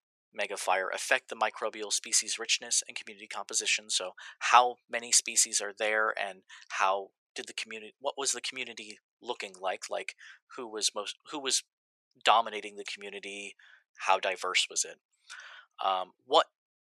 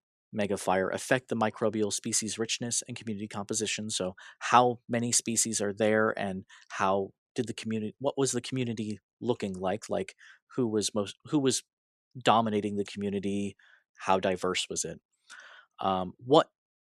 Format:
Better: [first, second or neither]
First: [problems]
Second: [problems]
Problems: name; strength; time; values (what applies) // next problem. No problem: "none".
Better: second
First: thin; very; fading below 800 Hz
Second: none